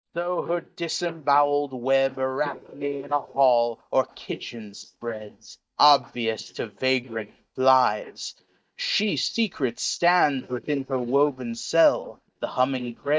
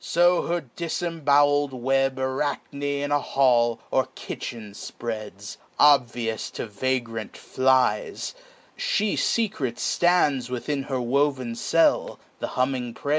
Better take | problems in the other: second | noise reduction (neural mask model DeepFilterNet 3)

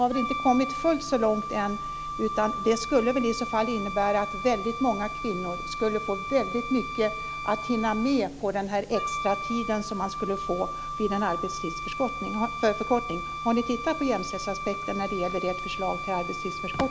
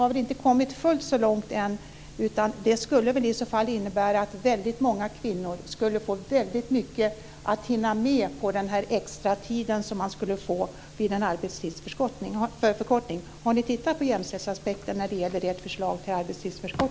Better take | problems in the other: second | background sound (Wind instrument, woodwind instrument); 6 dB below the speech

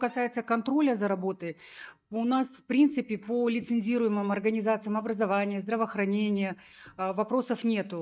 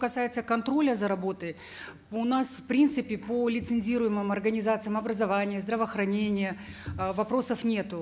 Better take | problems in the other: second | noise reduction (neural mask model DeepFilterNet 3)

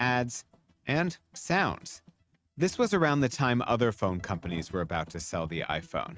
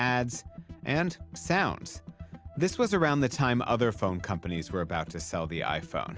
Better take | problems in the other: second | noise reduction (neural mask model RNNoise)

